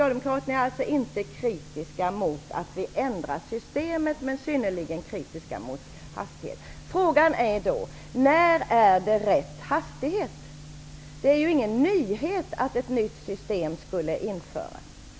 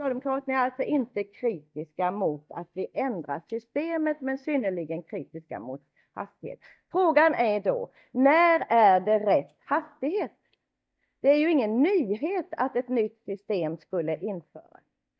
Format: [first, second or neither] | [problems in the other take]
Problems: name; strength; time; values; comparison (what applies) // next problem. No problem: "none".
first | noise reduction (neural mask model DeepFilterNet 3)